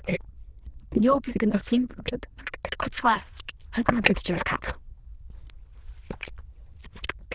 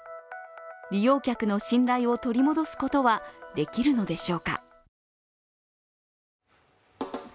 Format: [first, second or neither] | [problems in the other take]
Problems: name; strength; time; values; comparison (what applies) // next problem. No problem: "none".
second | noise reduction (neural diffusion model UNIVERSE++)